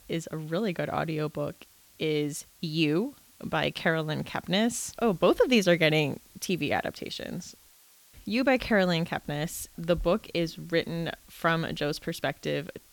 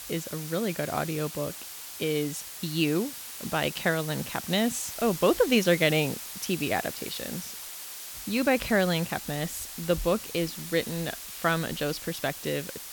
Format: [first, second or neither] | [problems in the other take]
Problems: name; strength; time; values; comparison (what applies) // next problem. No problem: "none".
first | hiss; loud; throughout; 9 dB below the speech; faint in the first